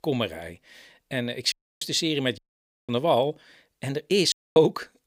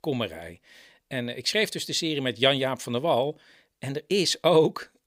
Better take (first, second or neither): second